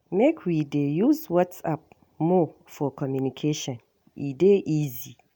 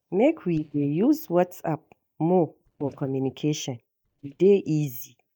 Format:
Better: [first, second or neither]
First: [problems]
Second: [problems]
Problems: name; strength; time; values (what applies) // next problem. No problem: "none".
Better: first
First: none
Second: noise reduction (neural mask model DeepFilterNet 3)